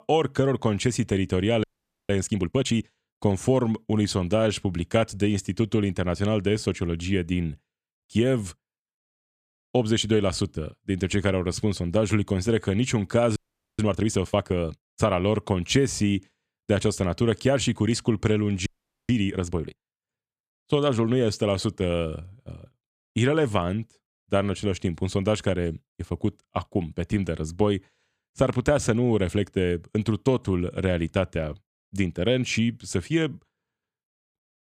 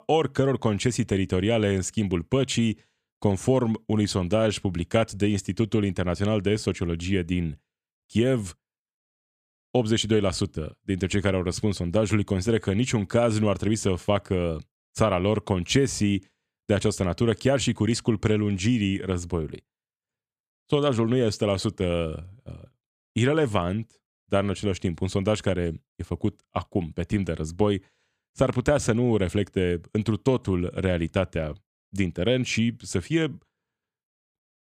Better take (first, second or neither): second